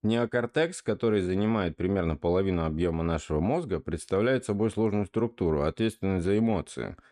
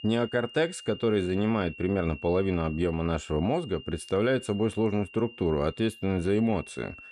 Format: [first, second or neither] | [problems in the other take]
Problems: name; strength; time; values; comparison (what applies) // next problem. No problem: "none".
first | high-pitched whine; noticeable; throughout; 3 kHz, 15 dB below the speech